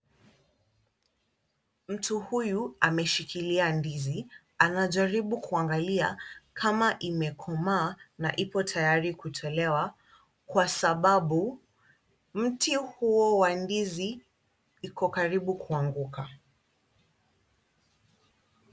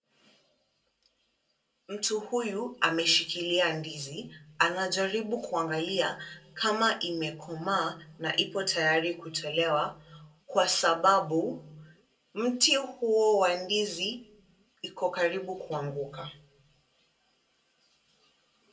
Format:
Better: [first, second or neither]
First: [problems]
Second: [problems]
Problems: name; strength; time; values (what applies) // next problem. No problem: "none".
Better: first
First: none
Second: room echo; dies away in 0.2 s